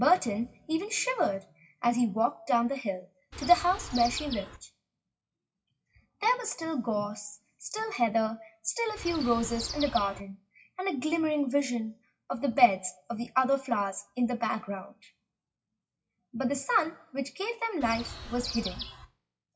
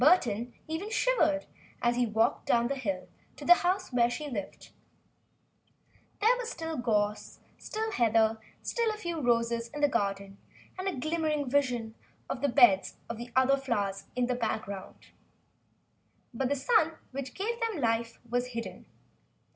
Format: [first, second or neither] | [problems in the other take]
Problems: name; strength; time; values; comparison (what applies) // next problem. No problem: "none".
second | noise reduction (classical method WPE with log-MMSE)